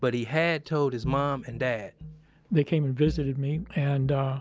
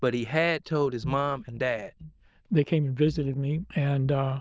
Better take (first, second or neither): first